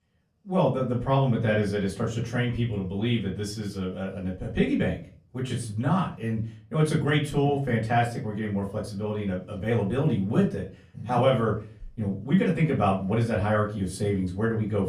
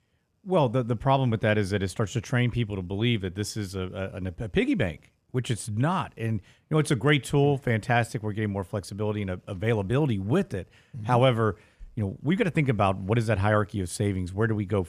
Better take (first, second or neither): second